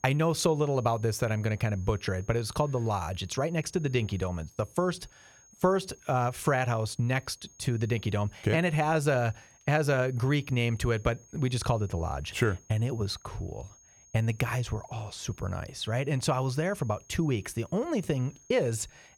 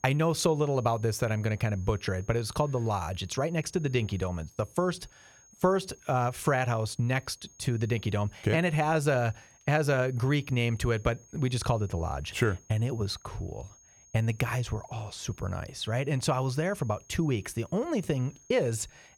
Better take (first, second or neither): neither